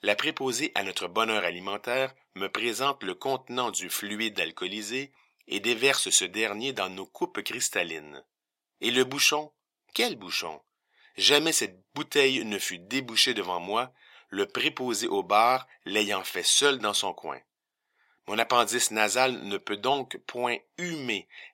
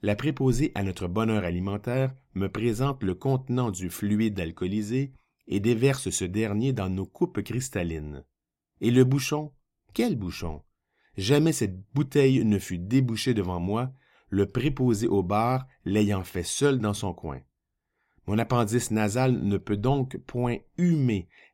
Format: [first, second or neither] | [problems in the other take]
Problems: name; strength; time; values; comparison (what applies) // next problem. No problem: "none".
second | thin; very; fading below 650 Hz